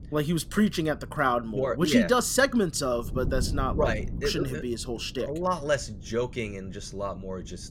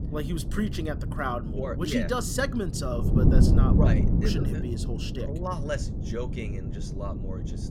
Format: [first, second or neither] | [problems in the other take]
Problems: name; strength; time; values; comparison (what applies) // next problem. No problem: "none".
first | wind noise on the microphone; heavy; 4 dB below the speech; occasional gusts in the first